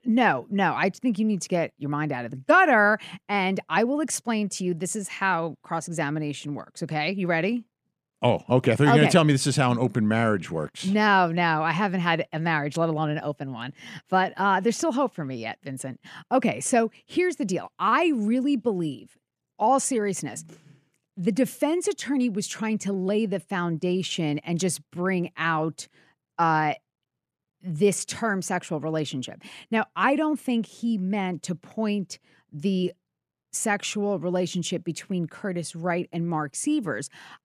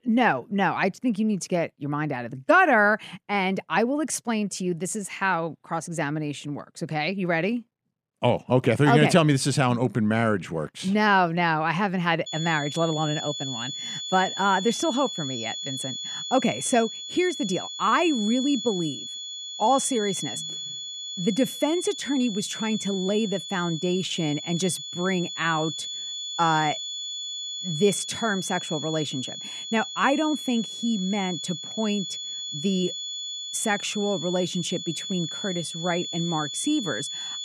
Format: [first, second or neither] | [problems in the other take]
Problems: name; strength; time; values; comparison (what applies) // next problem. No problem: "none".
first | high-pitched whine; loud; from 12 s on; 3.5 kHz, 7 dB below the speech